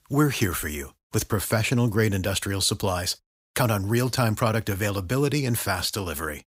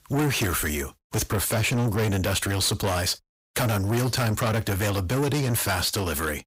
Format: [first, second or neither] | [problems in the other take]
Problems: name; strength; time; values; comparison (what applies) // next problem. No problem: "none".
first | distortion; heavy; 7 dB below the speech